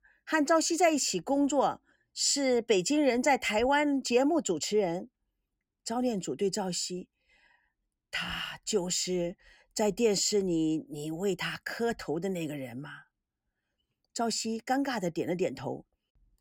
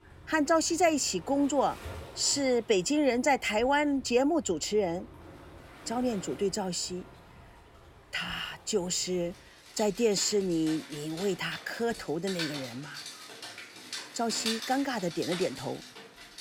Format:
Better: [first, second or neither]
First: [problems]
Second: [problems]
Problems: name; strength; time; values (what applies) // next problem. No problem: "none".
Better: first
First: none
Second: rain or running water; noticeable; throughout; 15 dB below the speech